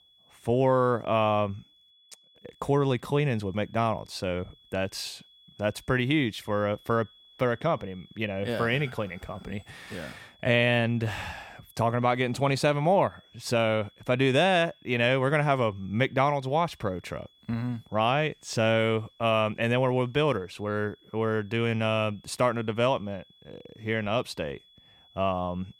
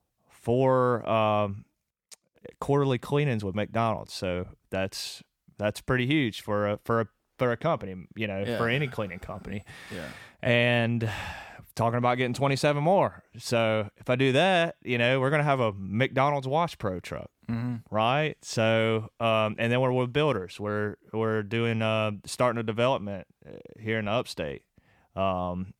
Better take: second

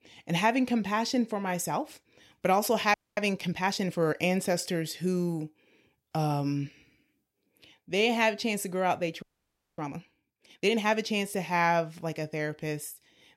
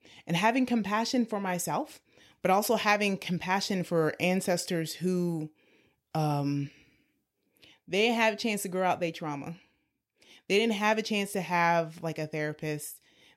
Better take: second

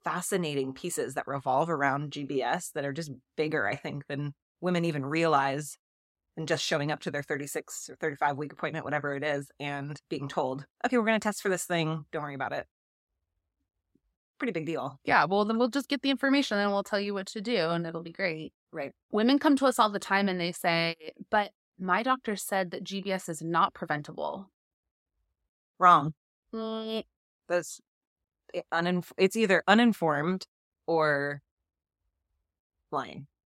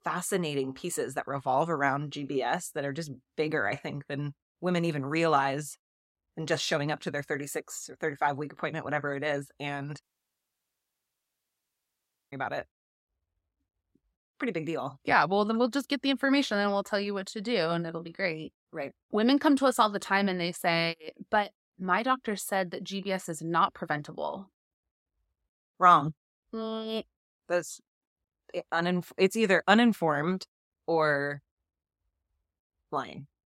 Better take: first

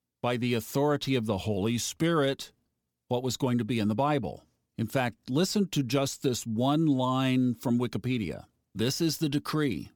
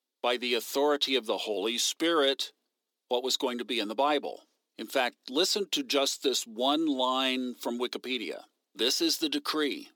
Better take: first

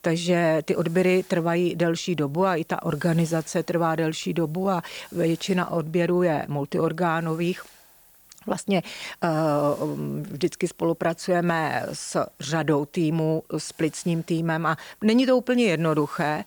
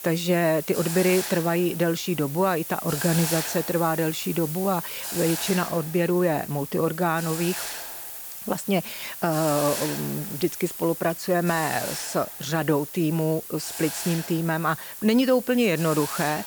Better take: first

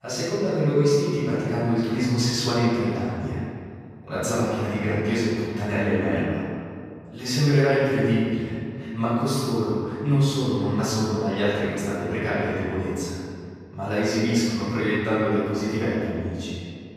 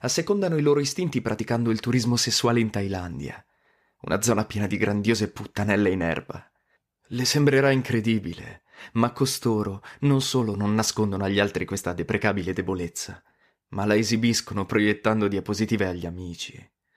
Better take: second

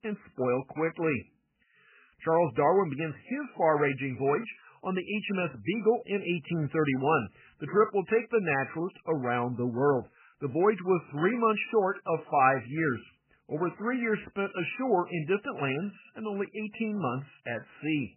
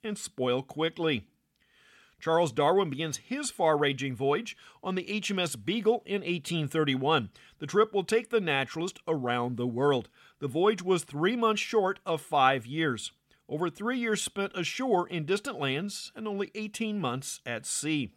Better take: second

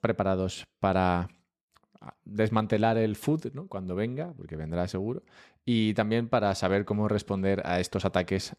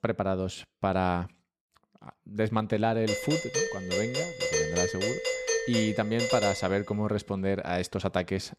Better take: first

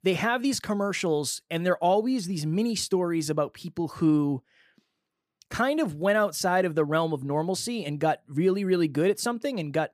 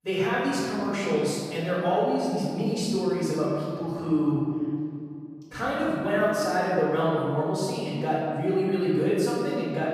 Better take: first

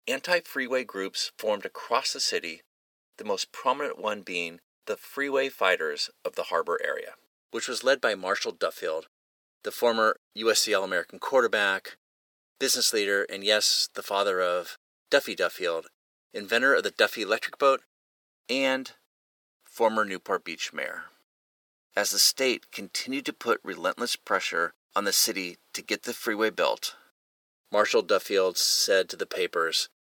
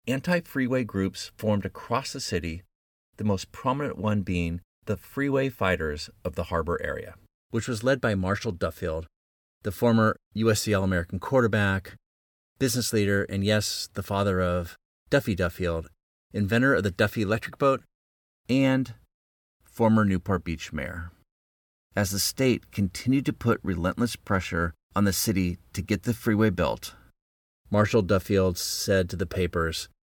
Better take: second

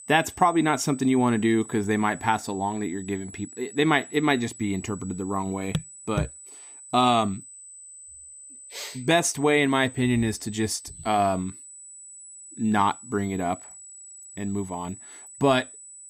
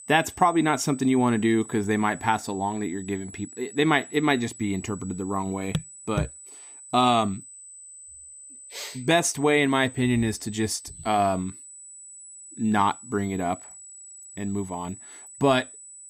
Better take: neither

